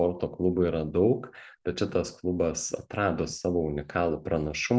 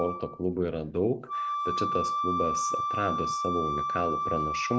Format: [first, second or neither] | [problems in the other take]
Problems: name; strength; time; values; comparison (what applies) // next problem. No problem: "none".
first | background sound (Wind instrument, woodwind instrument); as loud as the speech